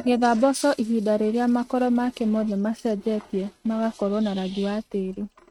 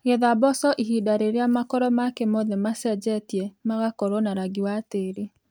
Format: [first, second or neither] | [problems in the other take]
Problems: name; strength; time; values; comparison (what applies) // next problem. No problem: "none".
second | noise reduction (neural mask model RNNoise)